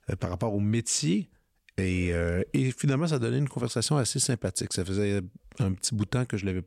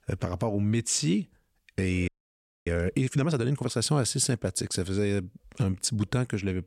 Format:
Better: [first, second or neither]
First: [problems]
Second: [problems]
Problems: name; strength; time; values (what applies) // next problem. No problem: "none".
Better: first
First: none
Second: audio freezing; at 2 s for 0.5 s